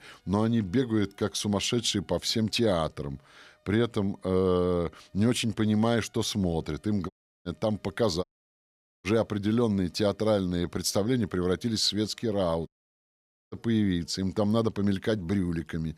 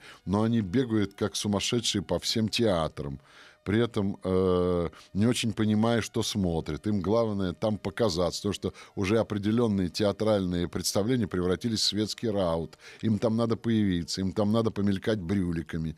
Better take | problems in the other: second | audio cutting out; at 7 s, at 8 s for 1 s and at 13 s for 1 s

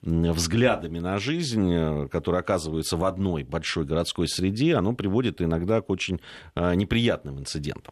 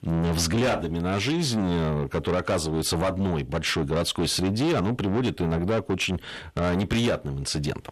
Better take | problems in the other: first | distortion; heavy; 7 dB below the speech

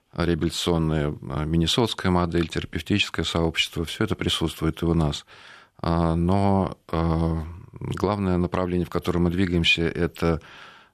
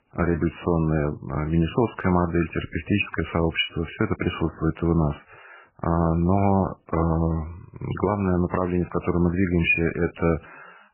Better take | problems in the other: first | garbled, watery; badly; nothing above 2.5 kHz

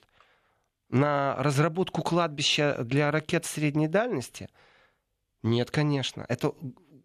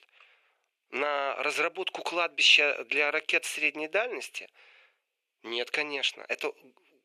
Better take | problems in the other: first | thin; very; fading below 400 Hz

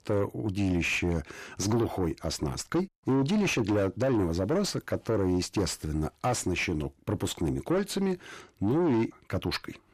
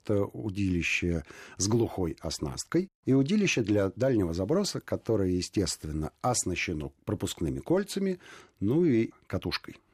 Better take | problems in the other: second | distortion; slight; 10 dB below the speech

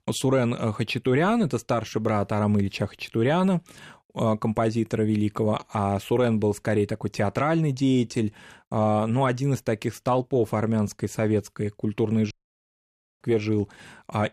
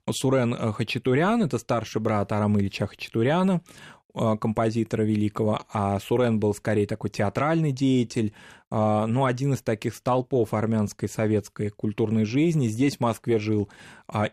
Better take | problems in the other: second | audio cutting out; at 12 s for 1 s

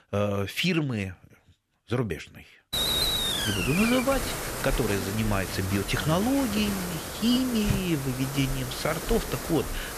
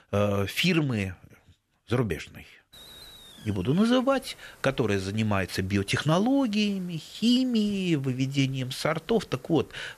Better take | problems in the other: second | hiss; loud; from 2.5 s on; 2 dB below the speech; faint in the second

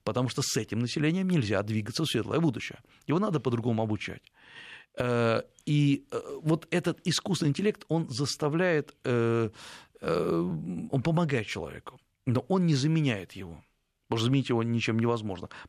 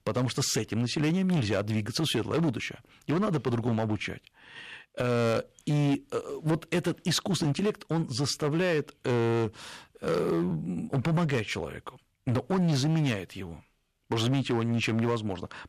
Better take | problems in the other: first | distortion; slight; 10% of the sound clipped

